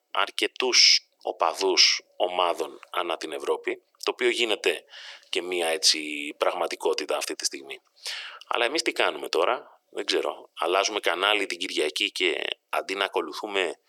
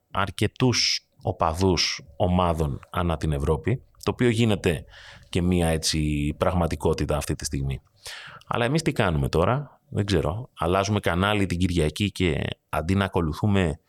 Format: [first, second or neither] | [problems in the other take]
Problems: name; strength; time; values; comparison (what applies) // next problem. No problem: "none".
second | thin; very; fading below 350 Hz